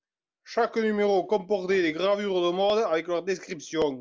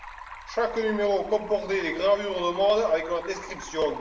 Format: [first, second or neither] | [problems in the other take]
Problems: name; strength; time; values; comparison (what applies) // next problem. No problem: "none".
first | background sound (Stream); 15 dB below the speech // room echo; dies away in 0.6 s